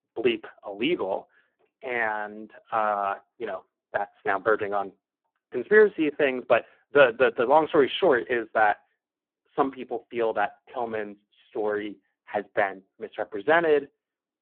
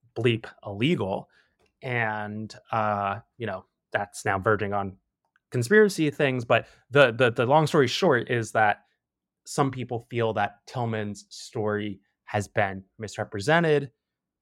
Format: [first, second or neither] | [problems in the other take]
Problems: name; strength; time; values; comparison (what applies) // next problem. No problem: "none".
second | phone-call audio; poor line